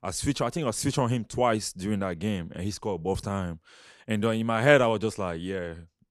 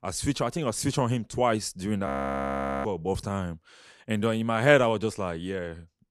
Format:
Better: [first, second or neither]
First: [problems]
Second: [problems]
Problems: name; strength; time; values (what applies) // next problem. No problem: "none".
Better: first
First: none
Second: audio freezing; at 2 s for 1 s